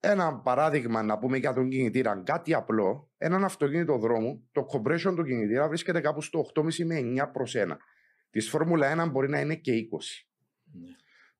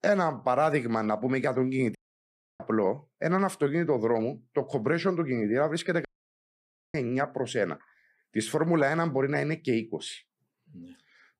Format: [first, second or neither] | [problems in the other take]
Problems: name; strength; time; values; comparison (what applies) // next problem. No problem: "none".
first | audio cutting out; at 2 s for 0.5 s and at 6 s for 1 s